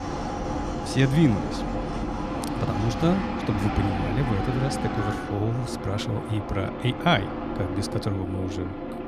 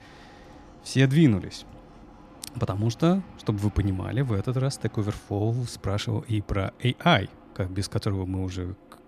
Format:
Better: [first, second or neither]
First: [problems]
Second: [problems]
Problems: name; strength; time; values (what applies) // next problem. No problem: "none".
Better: second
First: train or aircraft noise; loud; throughout; 3 dB below the speech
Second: train or aircraft noise; faint; throughout; 25 dB below the speech